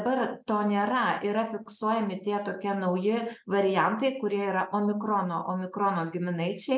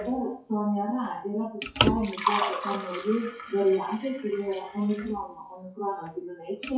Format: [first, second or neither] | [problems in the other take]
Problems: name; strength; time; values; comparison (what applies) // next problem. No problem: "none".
first | noise reduction (classical method WPE with log-MMSE)